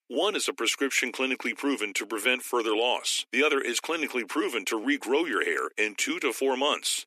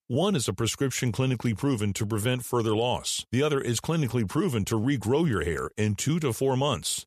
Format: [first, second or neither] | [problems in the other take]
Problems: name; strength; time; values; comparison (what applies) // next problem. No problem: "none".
second | thin; somewhat; fading below 250 Hz